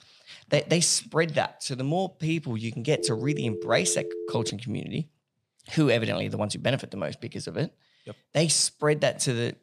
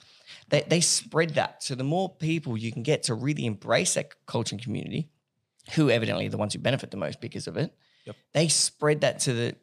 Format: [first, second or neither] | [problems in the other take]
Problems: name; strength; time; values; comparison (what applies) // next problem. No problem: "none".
second | phone ringing; noticeable; from 3 to 4.5 s; peak 7 dB below the speech